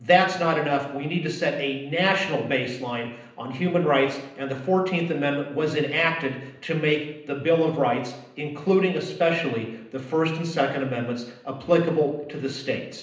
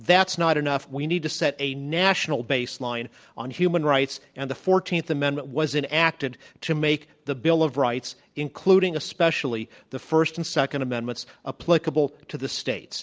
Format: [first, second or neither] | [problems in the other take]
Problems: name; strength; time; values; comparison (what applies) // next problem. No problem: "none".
second | room echo; dies away in 0.8 s